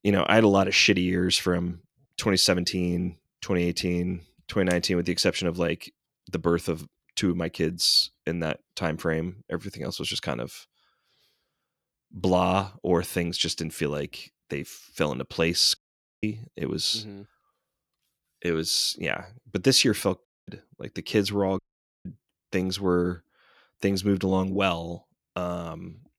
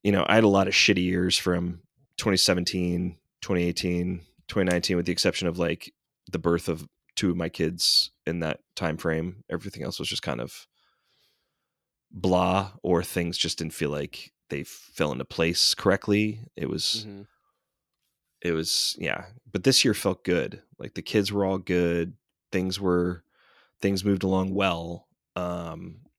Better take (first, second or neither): second